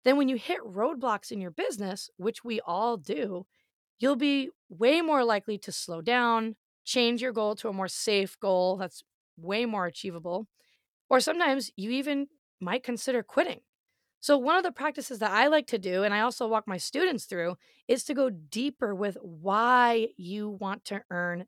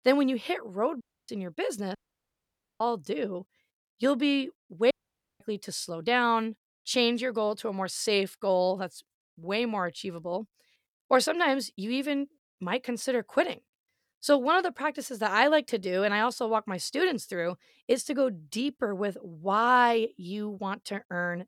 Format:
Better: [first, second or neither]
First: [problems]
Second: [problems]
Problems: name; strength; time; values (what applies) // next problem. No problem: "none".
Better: first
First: none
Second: audio cutting out; at 1 s, at 2 s for 1 s and at 5 s